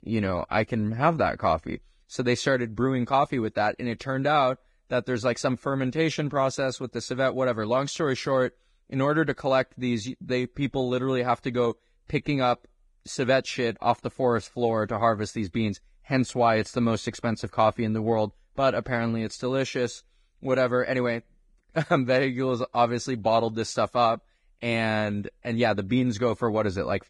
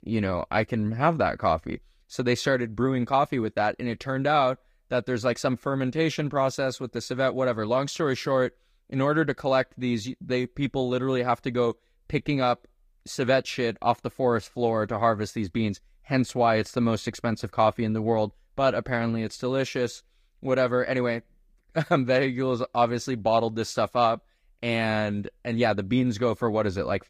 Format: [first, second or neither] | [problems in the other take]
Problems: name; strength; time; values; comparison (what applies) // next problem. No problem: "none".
second | garbled, watery; badly; slightly in the second